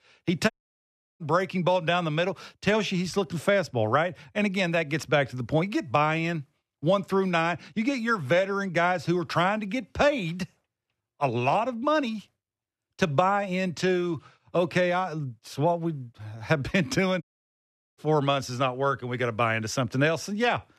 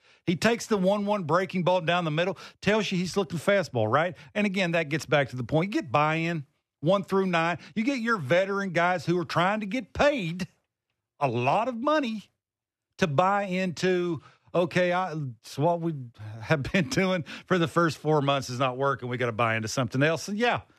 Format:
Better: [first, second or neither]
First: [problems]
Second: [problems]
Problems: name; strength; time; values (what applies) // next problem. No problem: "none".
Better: second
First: audio cutting out; at 0.5 s for 0.5 s and at 17 s for 1 s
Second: none